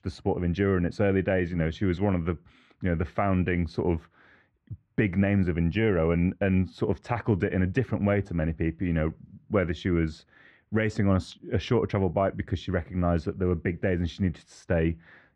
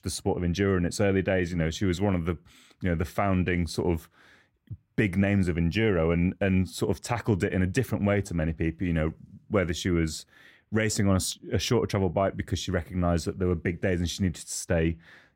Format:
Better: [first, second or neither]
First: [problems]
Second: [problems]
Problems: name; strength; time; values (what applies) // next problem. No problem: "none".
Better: second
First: muffled; slightly; fading above 2.5 kHz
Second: none